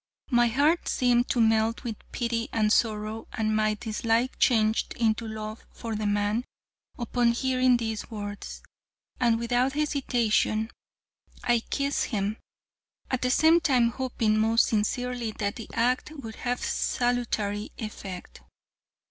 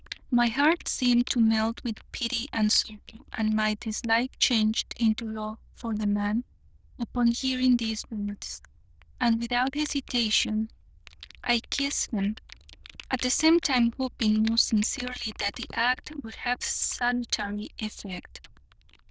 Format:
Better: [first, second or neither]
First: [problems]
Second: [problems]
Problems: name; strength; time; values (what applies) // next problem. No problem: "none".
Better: first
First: none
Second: noise reduction (neural diffusion model UNIVERSE++)